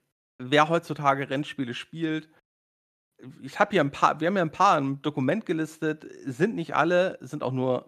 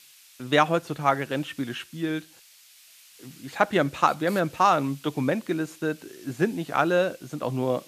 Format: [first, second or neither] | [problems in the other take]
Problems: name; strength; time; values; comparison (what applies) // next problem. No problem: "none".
first | hiss; faint; throughout; 25 dB below the speech